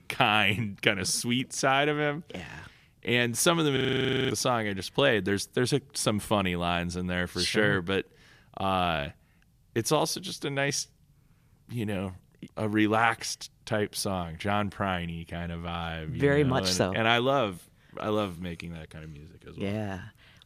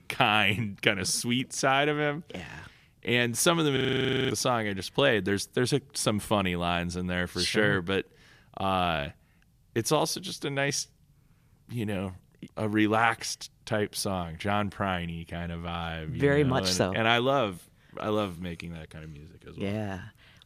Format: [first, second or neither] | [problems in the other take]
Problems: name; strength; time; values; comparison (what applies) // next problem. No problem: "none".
neither | audio freezing; at 4 s for 0.5 s; the same in both